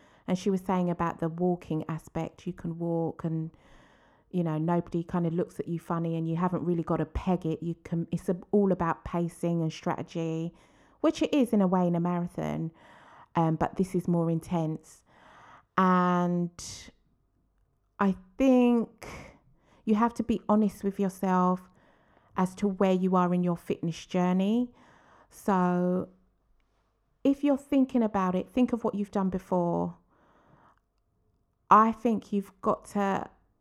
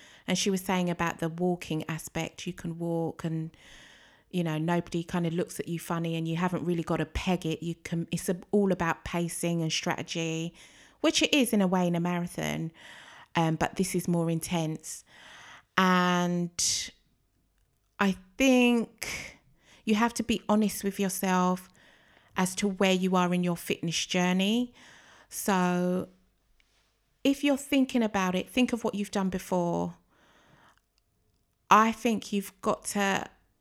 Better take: second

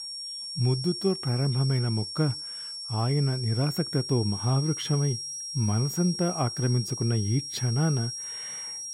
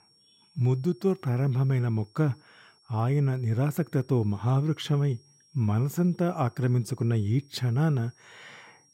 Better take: second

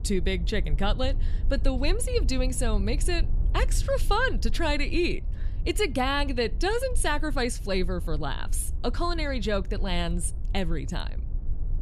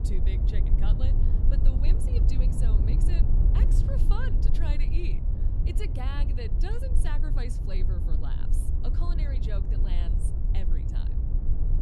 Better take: first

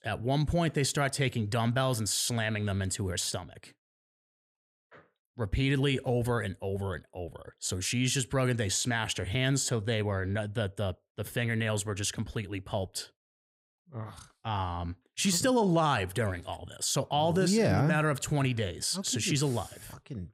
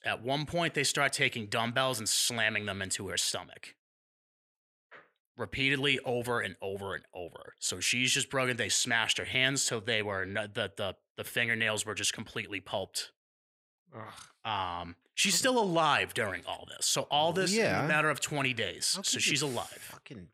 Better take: first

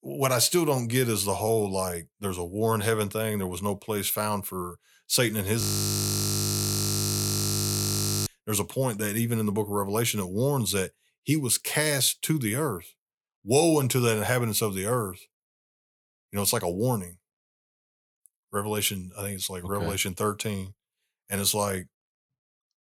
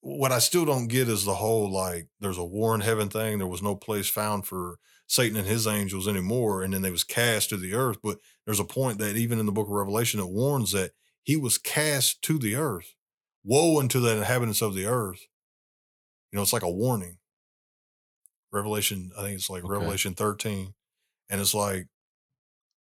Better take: second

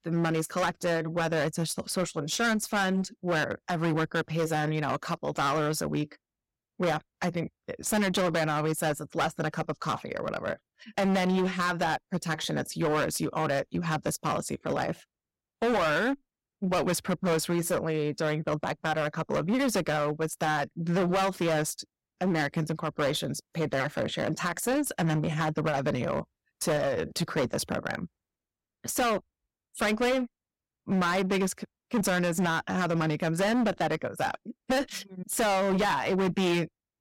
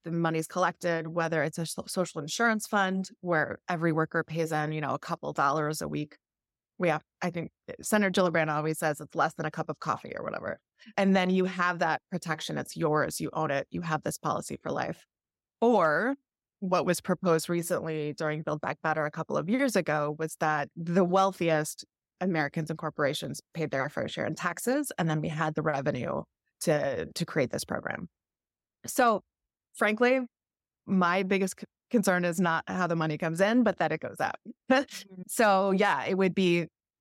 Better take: second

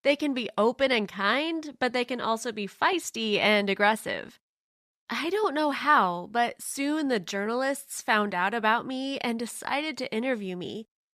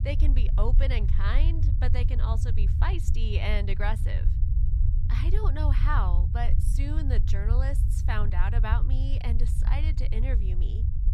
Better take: first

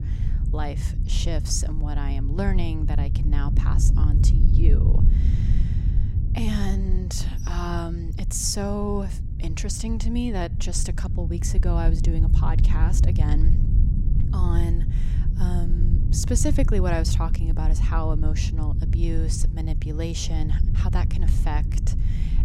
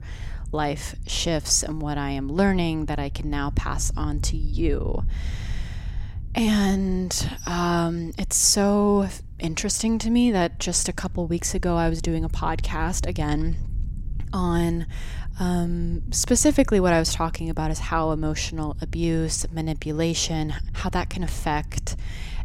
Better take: second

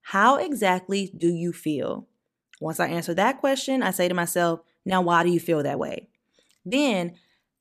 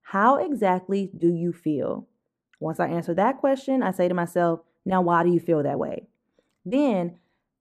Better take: first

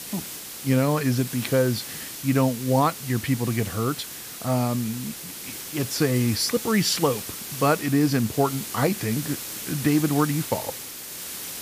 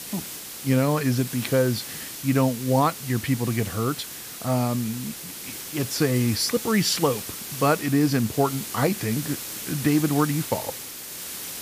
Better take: neither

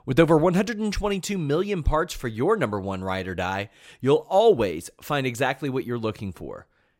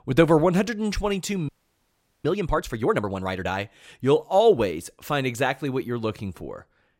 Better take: first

